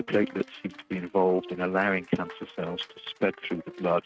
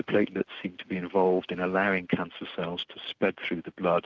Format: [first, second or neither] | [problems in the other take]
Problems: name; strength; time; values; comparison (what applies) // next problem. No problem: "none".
second | noise reduction (neural mask model RNNoise)